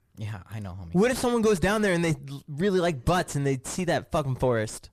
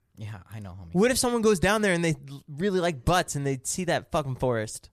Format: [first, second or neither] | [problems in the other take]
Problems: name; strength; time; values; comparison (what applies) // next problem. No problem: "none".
second | distortion; slight; 10 dB below the speech